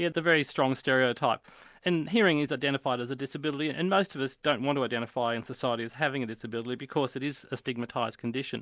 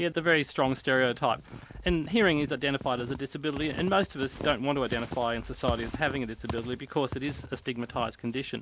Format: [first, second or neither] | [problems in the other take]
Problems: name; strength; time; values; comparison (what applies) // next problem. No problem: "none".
first | background sound (Squeak / Walk, footsteps); 12 dB below the speech